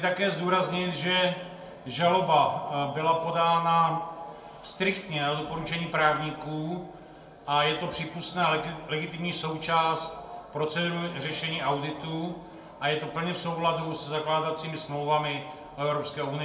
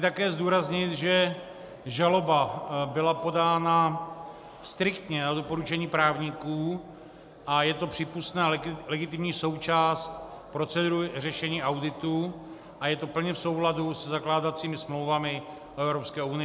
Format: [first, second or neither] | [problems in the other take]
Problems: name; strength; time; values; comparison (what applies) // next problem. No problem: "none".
second | room echo; dies away in 0.5 s